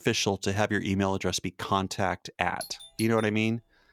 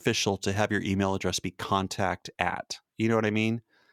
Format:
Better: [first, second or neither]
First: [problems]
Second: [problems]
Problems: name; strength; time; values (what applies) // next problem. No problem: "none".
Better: second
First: doorbell; faint; at 2.5 s; peak 15 dB below the speech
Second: none